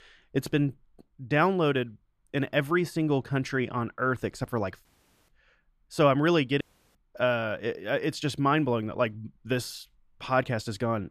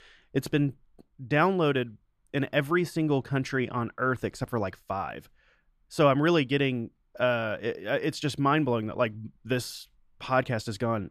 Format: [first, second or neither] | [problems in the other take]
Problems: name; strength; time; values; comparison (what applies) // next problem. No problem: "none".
second | audio cutting out; at 5 s and at 6.5 s